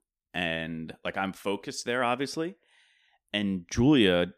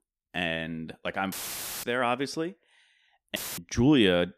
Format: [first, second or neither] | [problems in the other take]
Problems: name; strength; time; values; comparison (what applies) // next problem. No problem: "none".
first | audio cutting out; filled with static; at 1.5 s for 0.5 s and at 3.5 s